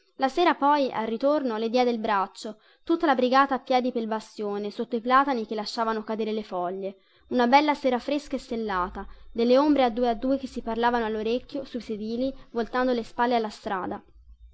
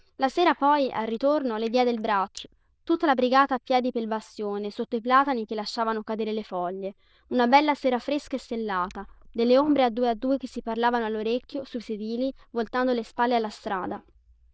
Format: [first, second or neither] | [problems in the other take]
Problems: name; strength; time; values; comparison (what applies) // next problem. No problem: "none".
first | noise reduction (neural diffusion model UNIVERSE++)